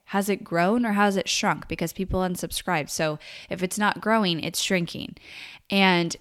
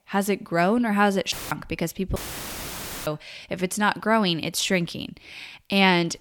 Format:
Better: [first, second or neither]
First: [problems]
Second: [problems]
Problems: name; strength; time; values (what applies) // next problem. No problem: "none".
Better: first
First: none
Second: audio cutting out; filled with static; at 1.5 s and at 2 s for 1 s